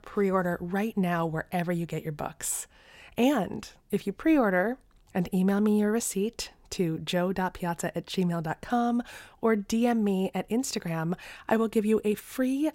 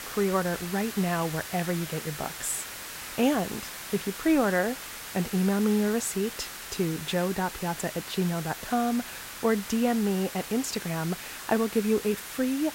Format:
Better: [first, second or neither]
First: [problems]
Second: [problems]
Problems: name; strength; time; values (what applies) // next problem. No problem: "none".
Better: first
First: none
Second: hiss; loud; throughout; 9 dB below the speech